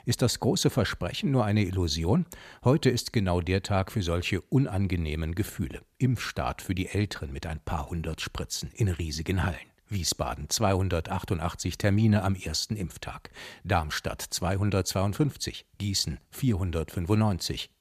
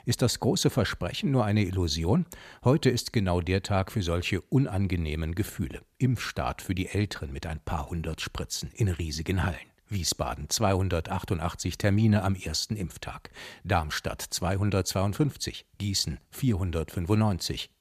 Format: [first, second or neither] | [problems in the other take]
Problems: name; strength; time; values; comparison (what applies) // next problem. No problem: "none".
neither | none